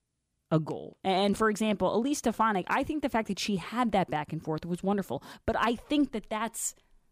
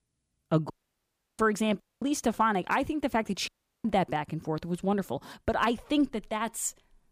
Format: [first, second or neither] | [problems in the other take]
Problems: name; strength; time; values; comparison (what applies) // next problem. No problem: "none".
first | audio cutting out; at 0.5 s for 0.5 s, at 2 s and at 3.5 s